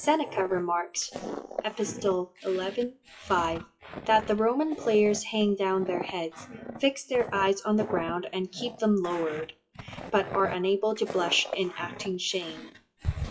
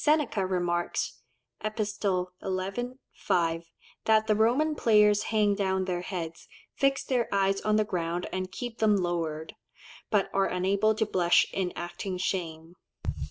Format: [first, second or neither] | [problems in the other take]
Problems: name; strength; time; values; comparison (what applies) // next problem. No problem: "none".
second | noise reduction (classical method WPE with log-MMSE)